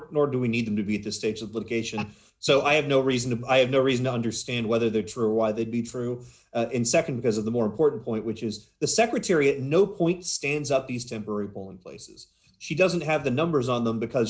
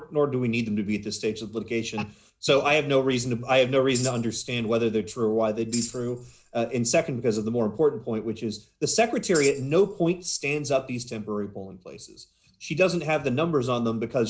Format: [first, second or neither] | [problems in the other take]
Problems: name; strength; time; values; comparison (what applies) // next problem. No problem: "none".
first | background sound (Tambourine); 15 dB below the speech